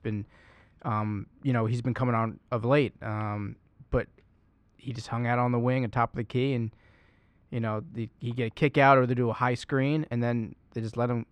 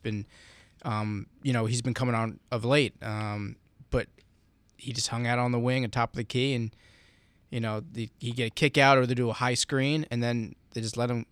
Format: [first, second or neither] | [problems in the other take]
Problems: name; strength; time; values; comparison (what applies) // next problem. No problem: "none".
second | muffled; very; fading above 3 kHz